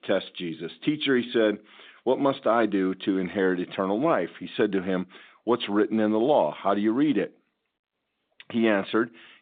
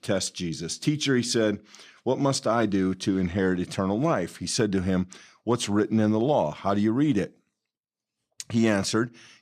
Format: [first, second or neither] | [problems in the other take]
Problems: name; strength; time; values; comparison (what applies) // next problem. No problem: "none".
second | phone-call audio; nothing above 3.5 kHz